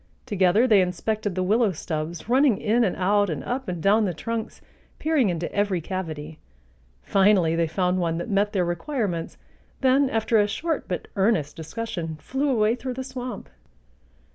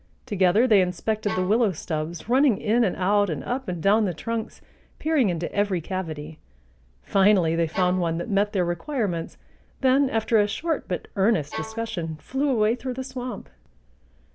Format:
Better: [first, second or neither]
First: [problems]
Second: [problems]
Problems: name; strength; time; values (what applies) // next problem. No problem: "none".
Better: first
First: none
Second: background sound (Bowed string instrument); 13 dB below the speech